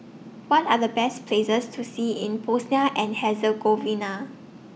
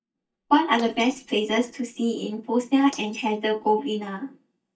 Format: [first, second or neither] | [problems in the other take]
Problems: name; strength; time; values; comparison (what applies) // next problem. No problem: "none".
first | noise reduction (neural mask model DeepFilterNet 3)